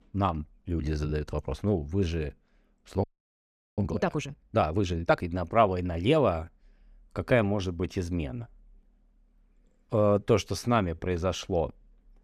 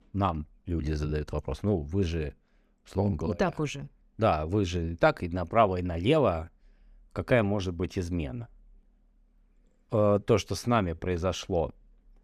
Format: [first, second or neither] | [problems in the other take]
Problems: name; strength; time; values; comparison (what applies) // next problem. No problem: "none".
second | audio freezing; at 3 s for 0.5 s